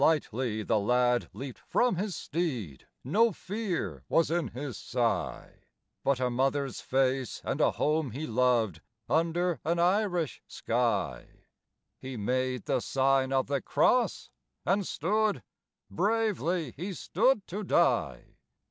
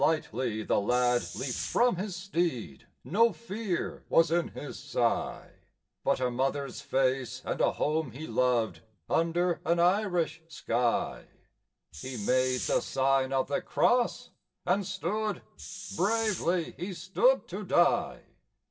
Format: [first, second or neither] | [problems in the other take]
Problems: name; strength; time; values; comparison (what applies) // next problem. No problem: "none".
first | background sound (Hiss); 10 dB below the speech // room echo; dies away in 0.2 s